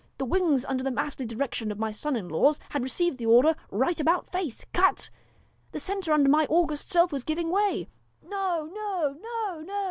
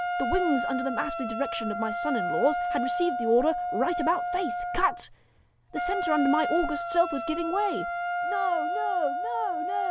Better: first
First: none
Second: background sound (Wind instrument, woodwind instrument); 1 dB below the speech

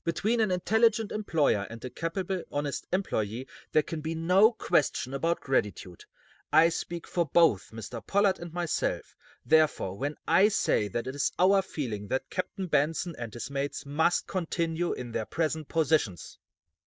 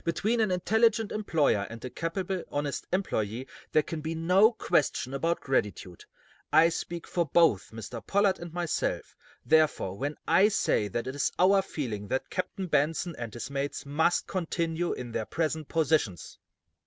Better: second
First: noise reduction (neural mask model DeepFilterNet 3)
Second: none

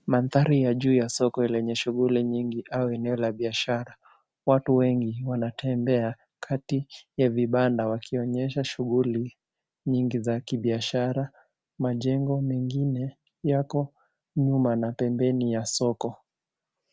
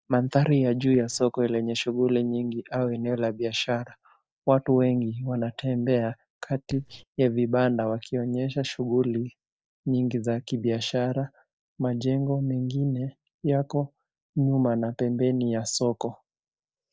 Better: first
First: none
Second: noise reduction (neural mask model DeepFilterNet 3)

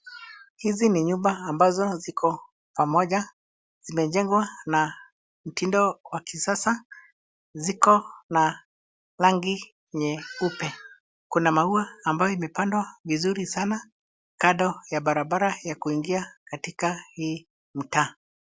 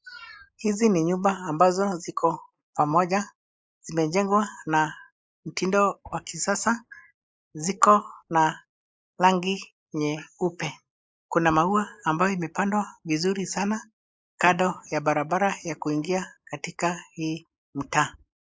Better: first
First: none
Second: noise reduction (neural mask model Resemble Enhance denoiser)

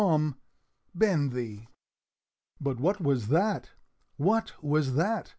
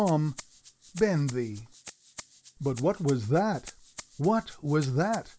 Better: first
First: none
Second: background sound (Rattle (instrument)); 20 dB below the speech

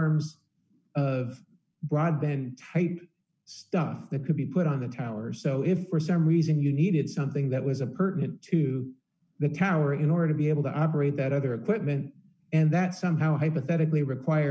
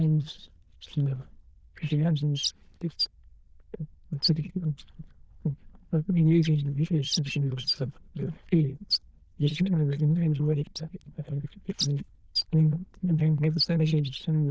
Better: first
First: none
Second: noise reduction (neural diffusion model UNIVERSE++)

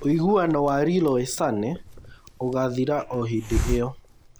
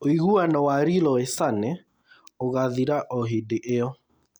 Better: second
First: background sound (Hiss); 10 dB below the speech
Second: none

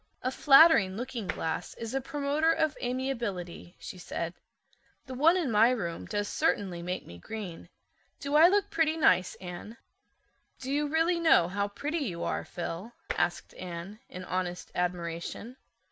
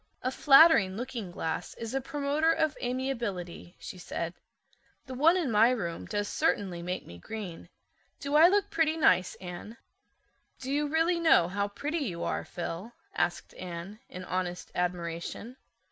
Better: second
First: background sound (Tap); 10 dB below the speech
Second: none

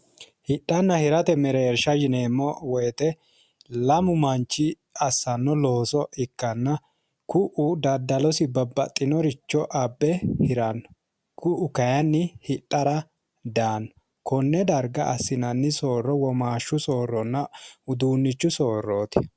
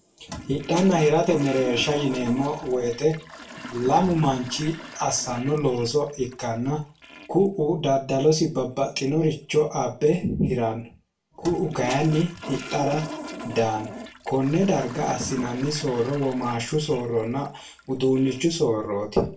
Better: first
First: none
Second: background sound (Toilet flush); 15 dB below the speech // room echo; dies away in 0.3 s

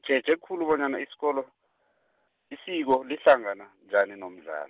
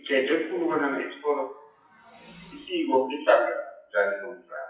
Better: first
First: none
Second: noise reduction (classical method WPE with log-MMSE)

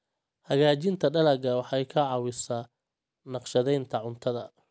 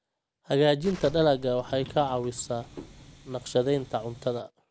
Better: first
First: none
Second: background sound (Subway, metro, underground + Gunshot, gunfire); 17 dB below the speech

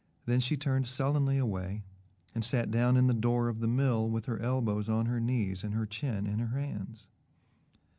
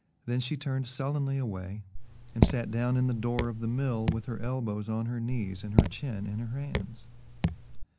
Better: first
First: none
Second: background sound (Raindrop / Drip); as loud as the speech

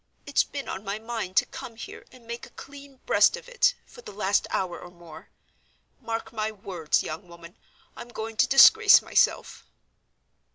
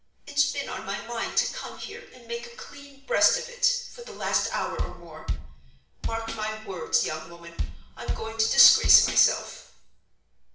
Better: first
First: none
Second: background sound (Bass drum); 3 dB below the speech // room echo; dies away in 0.6 s

